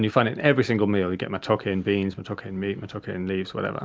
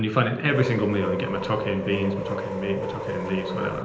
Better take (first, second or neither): first